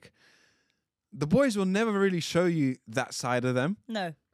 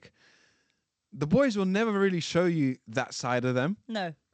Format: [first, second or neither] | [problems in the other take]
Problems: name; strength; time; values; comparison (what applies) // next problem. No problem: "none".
first | garbled, watery; slightly; nothing above 8 kHz